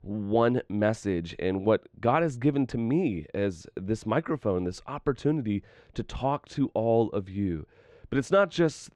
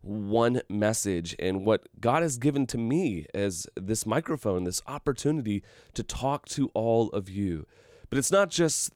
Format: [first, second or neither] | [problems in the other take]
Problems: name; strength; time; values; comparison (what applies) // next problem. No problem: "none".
second | muffled; slightly; fading above 3 kHz